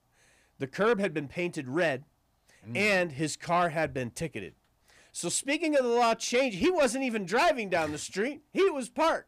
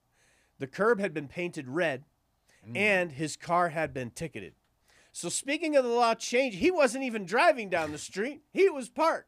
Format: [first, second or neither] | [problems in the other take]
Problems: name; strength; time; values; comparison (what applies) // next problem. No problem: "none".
second | distortion; slight; 10 dB below the speech